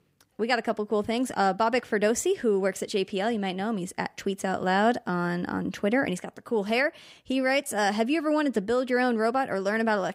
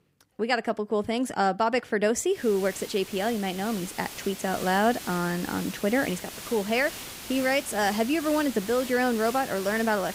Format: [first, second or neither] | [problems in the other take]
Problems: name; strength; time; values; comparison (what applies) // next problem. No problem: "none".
first | hiss; noticeable; from 2.5 s on; 10 dB below the speech